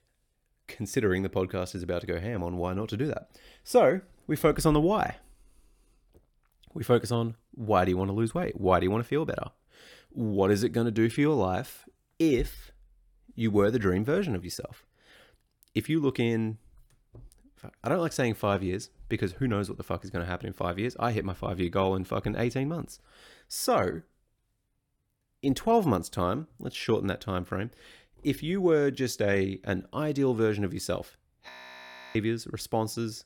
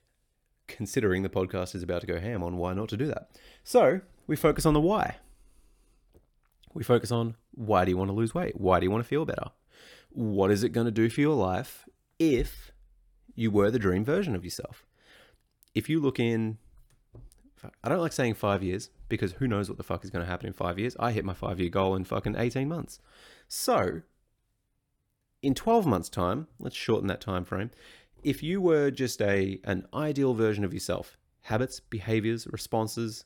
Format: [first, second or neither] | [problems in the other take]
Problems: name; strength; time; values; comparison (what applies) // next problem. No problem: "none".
second | audio freezing; at 31 s for 0.5 s